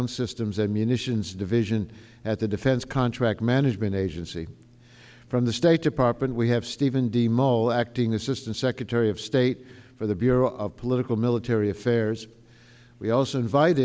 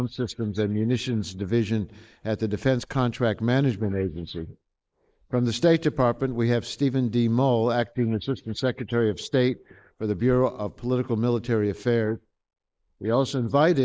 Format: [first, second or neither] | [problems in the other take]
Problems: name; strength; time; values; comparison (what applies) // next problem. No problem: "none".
first | noise reduction (neural mask model Resemble Enhance denoiser)